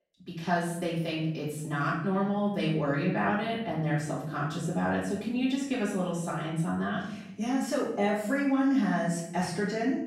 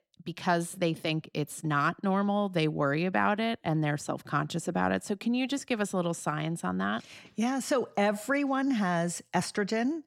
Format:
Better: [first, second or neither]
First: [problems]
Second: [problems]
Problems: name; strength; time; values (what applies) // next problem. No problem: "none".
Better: second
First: room echo; noticeable; dies away in 0.8 s // off-mic speech; far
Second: none